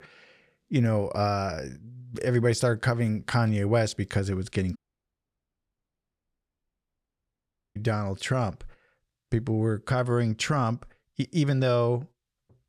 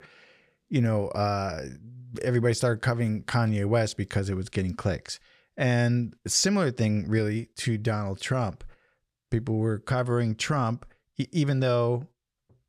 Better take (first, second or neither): second